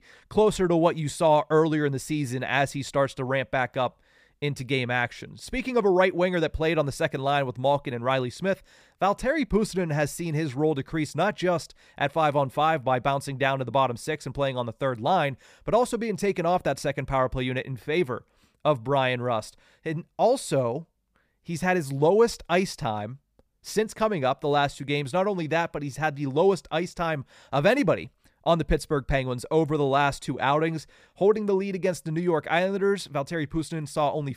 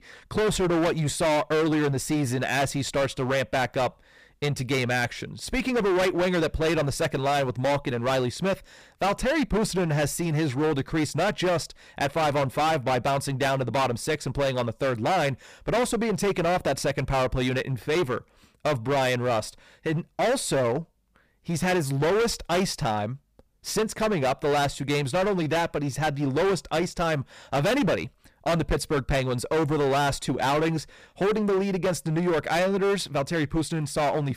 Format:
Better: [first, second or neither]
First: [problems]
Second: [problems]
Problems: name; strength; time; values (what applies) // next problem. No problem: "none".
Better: first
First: none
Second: distortion; heavy; 22% of the sound clipped